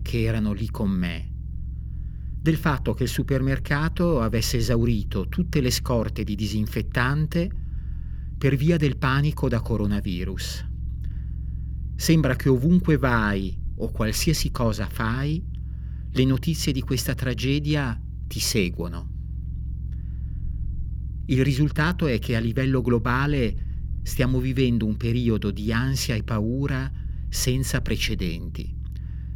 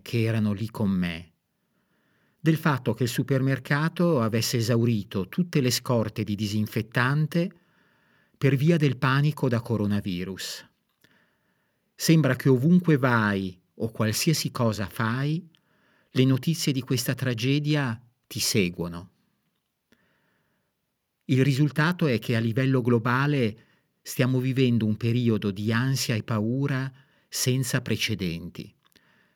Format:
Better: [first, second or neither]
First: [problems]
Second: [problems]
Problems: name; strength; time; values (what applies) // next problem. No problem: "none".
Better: second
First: low rumble; faint; throughout; 20 dB below the speech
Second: none